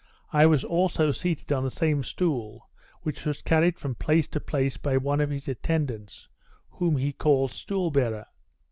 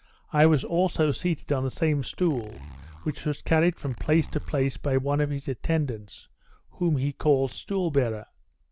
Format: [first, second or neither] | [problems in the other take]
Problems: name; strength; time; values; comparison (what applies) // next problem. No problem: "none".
first | background sound (Zipper (clothing)); 19 dB below the speech